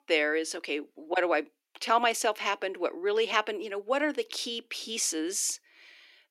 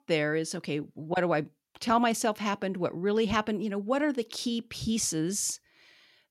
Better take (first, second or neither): second